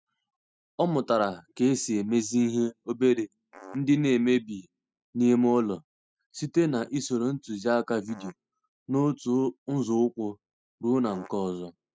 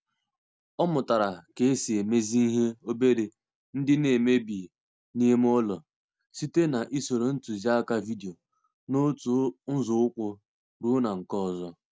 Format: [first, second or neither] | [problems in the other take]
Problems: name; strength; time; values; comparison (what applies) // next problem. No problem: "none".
second | noise reduction (classical method spectral subtraction)